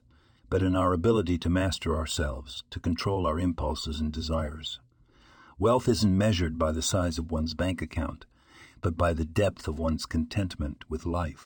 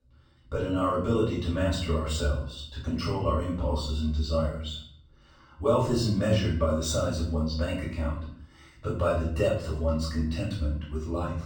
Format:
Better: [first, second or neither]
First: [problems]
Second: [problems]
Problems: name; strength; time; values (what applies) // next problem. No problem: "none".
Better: first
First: none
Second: off-mic speech; far // room echo; noticeable; dies away in 0.6 s